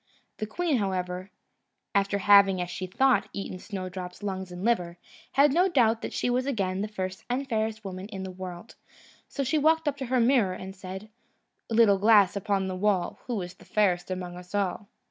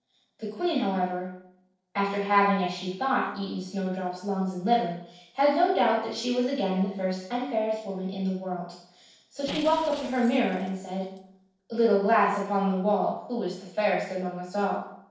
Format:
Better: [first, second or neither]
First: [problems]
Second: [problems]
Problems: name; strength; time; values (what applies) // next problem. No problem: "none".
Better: first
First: none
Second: noise reduction (neural separator model SepFormer DNS4)